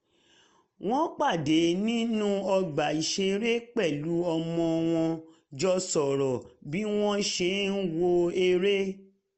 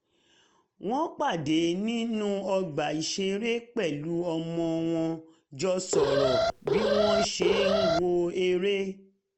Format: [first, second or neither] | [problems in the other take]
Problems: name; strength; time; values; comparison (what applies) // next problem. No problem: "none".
first | background sound (Alarm); 3 dB above the speech